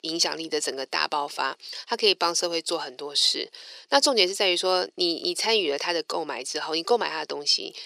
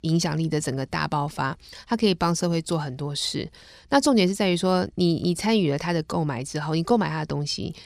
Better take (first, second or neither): second